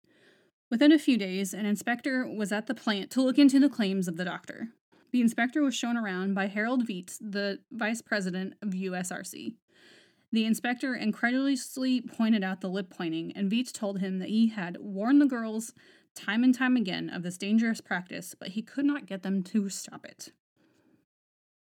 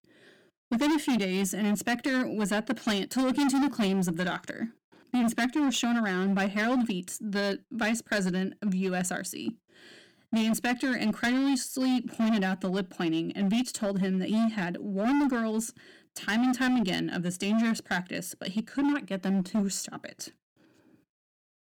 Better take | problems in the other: first | distortion; heavy; 15% of the sound clipped

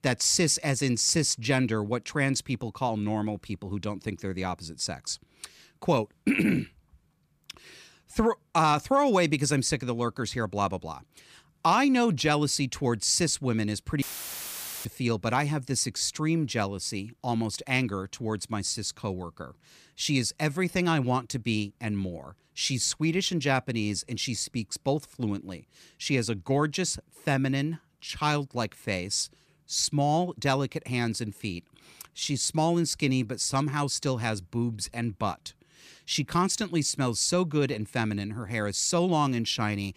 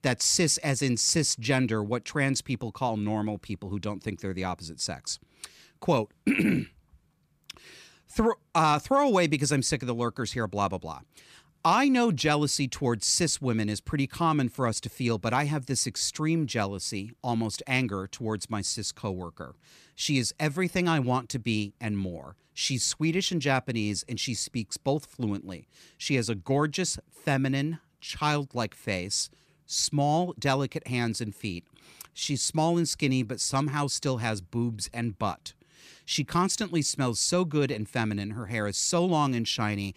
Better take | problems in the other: second | audio cutting out; filled with static; at 14 s for 1 s

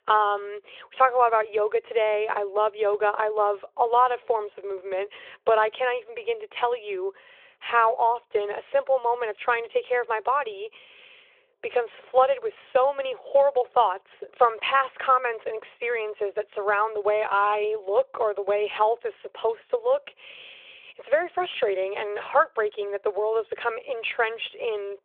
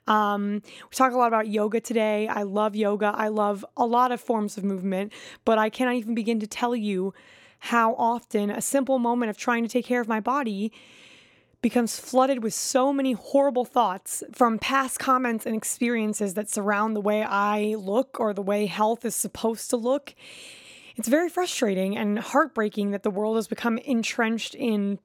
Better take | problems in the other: second | phone-call audio; nothing above 3.5 kHz

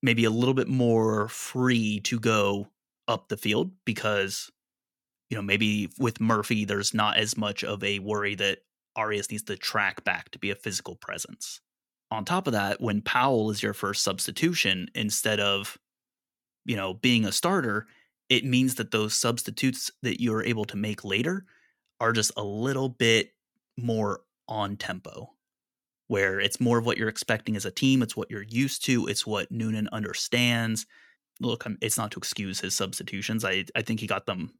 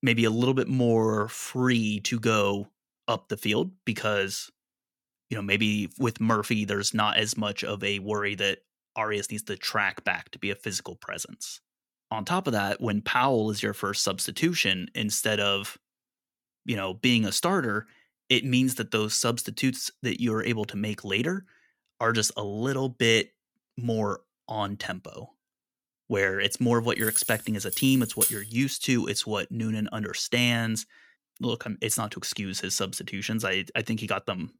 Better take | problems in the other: first | jangling keys; loud; from 27 to 28 s; peak 2 dB above the speech

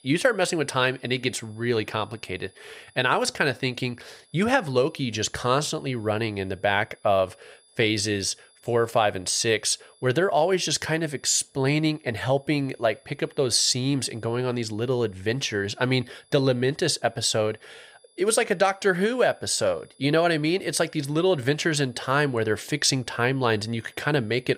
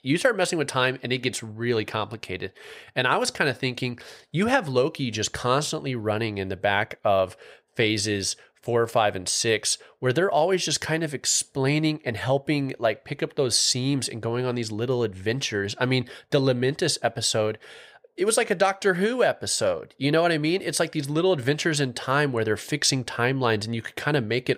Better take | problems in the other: second | high-pitched whine; faint; throughout; 10 kHz, 35 dB below the speech

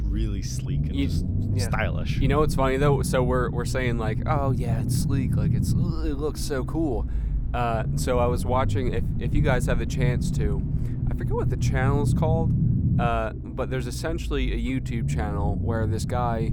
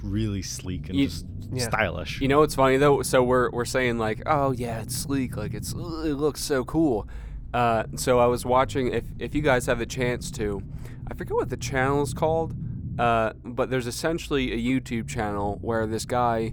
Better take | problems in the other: second | low rumble; loud; throughout; 9 dB below the speech; faint in the second

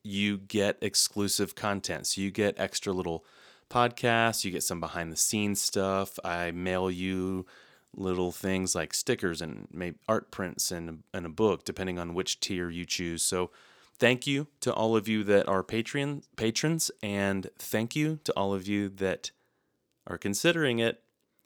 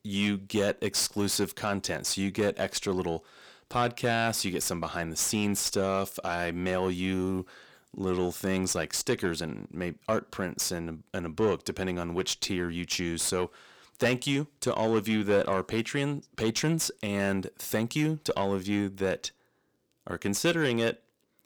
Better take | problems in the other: first | distortion; slight; 10 dB below the speech

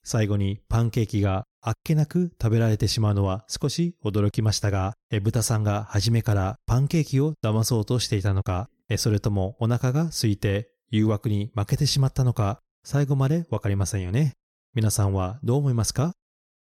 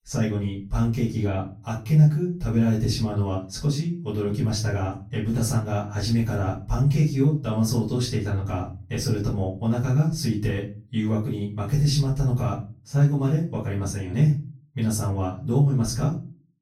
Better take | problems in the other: first | room echo; slight; dies away in 0.3 s // off-mic speech; far

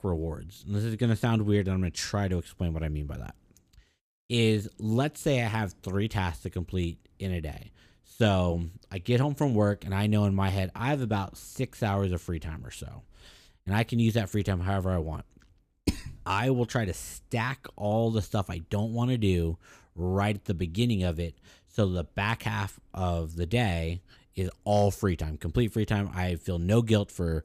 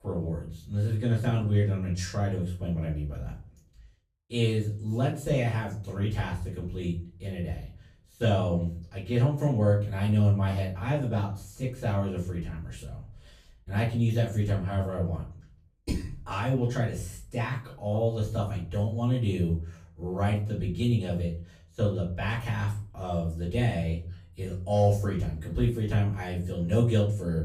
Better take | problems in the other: first | off-mic speech; far // room echo; slight; dies away in 0.4 s

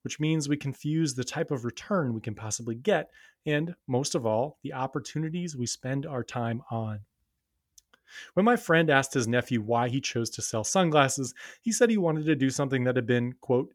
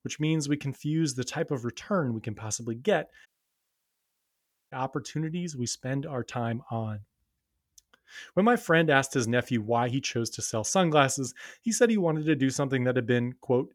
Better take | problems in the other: first | audio cutting out; at 3.5 s for 1.5 s

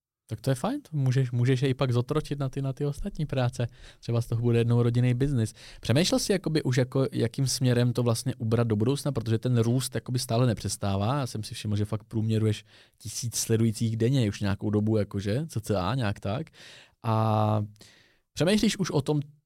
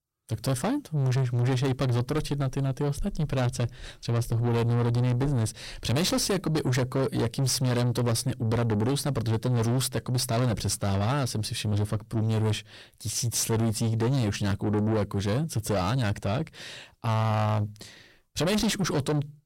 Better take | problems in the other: first | distortion; heavy; 8 dB below the speech

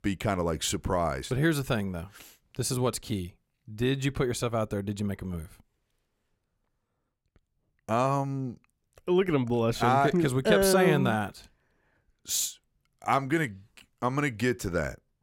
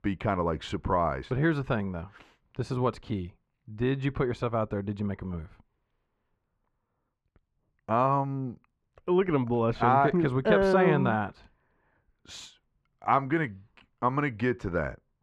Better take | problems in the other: first | muffled; very; fading above 2.5 kHz

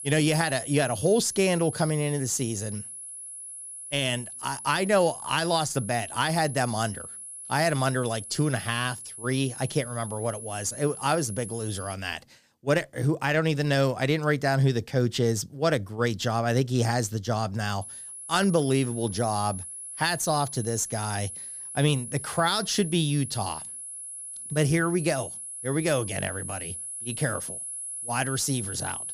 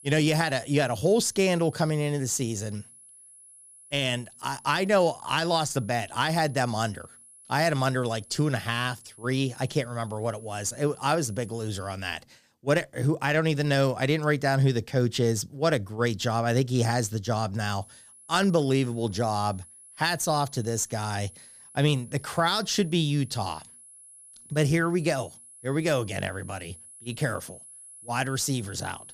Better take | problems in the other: second | high-pitched whine; loud; until 12 s and from 18 s on; 10.5 kHz, 9 dB below the speech; faint in the second

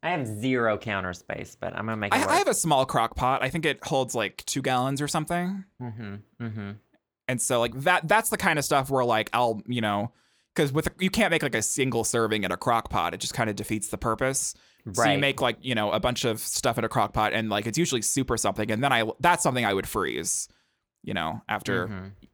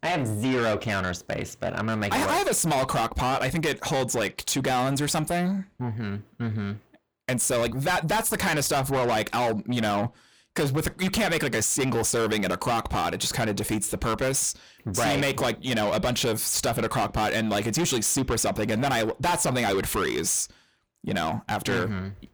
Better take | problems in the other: first | distortion; heavy; 6 dB below the speech

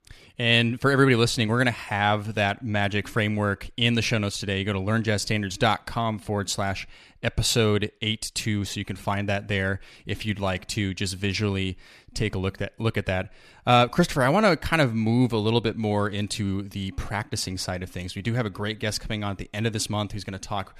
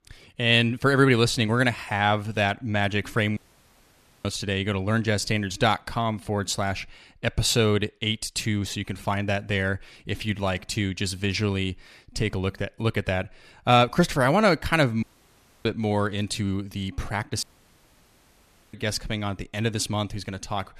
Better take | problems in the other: first | audio cutting out; at 3.5 s for 1 s, at 15 s for 0.5 s and at 17 s for 1.5 s

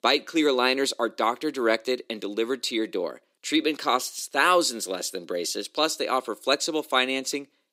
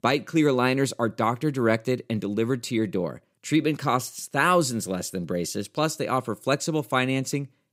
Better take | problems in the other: second | thin; somewhat; fading below 300 Hz

